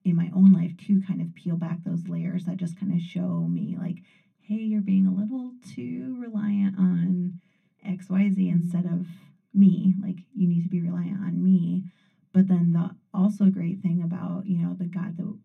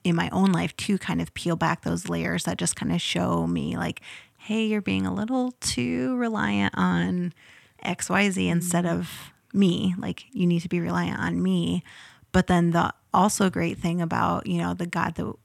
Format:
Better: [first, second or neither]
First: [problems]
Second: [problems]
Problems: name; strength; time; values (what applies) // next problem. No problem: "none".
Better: second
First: room echo; very slight; dies away in 0.3 s // off-mic speech; far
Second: none